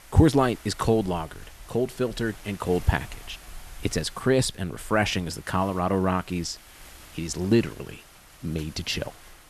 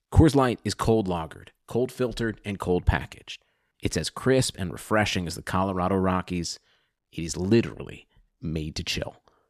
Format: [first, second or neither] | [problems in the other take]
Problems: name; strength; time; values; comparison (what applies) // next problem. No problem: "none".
second | wind noise on the microphone; occasional gusts; 20 dB below the speech